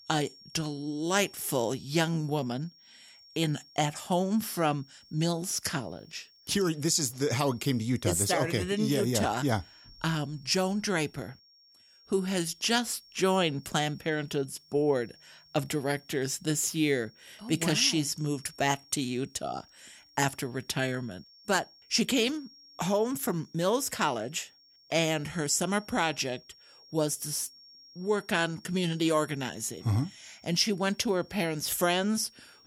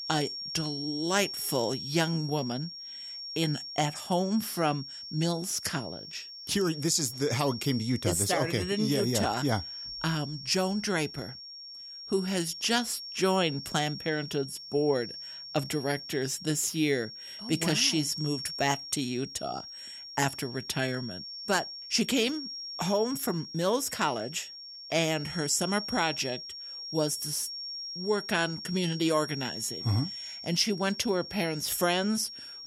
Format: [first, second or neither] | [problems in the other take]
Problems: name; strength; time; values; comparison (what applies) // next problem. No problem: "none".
first | high-pitched whine; loud; throughout; 5.5 kHz, 9 dB below the speech; faint in the first